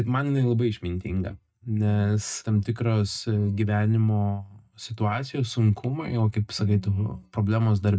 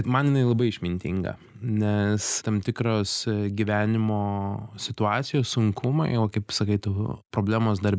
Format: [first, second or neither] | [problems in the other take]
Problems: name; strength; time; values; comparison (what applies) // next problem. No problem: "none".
second | noise reduction (neural mask model DeepFilterNet 3)